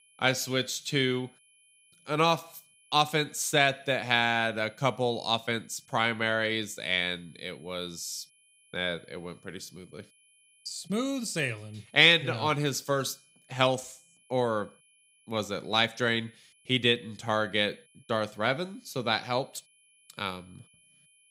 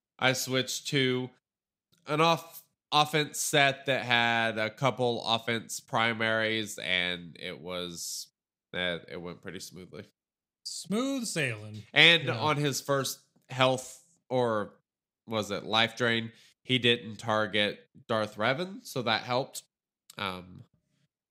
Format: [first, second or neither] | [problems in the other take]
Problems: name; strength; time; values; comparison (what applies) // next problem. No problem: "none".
second | high-pitched whine; faint; throughout; 2.5 kHz, 30 dB below the speech